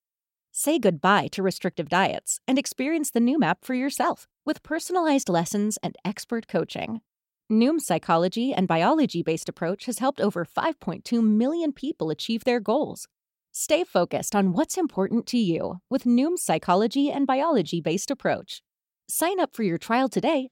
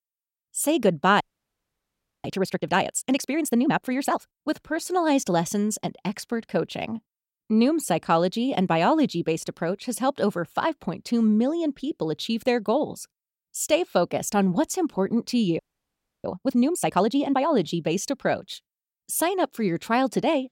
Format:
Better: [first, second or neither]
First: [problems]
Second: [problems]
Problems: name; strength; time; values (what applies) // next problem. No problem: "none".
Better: first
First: none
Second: audio freezing; at 1 s for 1 s and at 16 s for 0.5 s